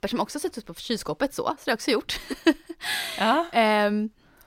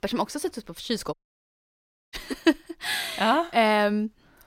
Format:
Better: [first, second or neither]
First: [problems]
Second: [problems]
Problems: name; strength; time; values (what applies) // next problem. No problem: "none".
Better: first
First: none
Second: audio cutting out; at 1 s for 1 s